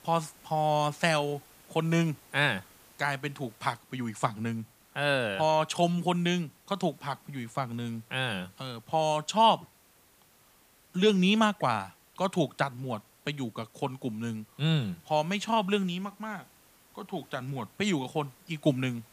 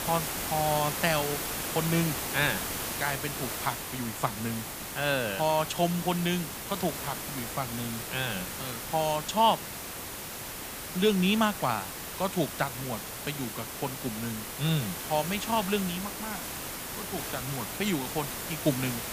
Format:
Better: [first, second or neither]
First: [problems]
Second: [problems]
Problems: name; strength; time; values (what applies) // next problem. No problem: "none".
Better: first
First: hiss; faint; throughout; 30 dB below the speech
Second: hiss; loud; throughout; 4 dB below the speech